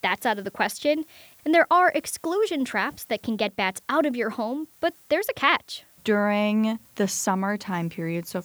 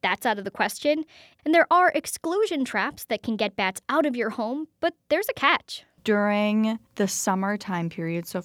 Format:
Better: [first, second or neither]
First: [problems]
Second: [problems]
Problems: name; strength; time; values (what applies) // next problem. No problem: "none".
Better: second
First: hiss; faint; throughout; 30 dB below the speech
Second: none